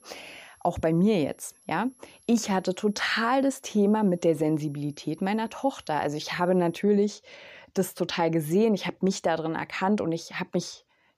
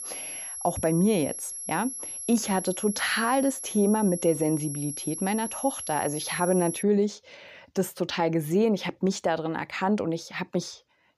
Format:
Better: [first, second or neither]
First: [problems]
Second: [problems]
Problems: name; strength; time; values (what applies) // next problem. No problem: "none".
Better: first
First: high-pitched whine; faint; until 7 s; 11 kHz, 30 dB below the speech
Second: high-pitched whine; loud; until 7 s; 11 kHz, 7 dB below the speech